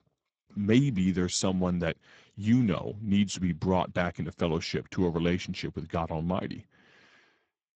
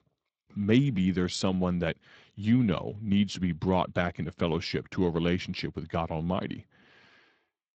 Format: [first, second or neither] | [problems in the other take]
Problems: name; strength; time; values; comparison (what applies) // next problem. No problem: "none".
second | garbled, watery; badly; nothing above 8 kHz; slightly in the second